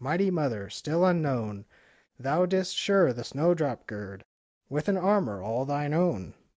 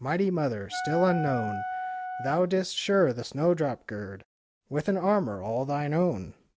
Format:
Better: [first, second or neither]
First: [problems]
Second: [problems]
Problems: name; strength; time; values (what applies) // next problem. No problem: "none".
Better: first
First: none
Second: background sound (Wind instrument, woodwind instrument); 7 dB below the speech